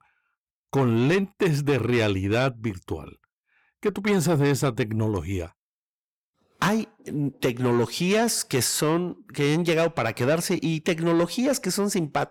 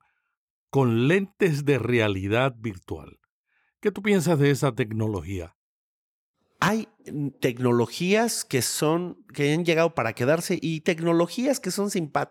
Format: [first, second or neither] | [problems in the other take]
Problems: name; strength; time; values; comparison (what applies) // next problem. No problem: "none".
second | distortion; slight; 10 dB below the speech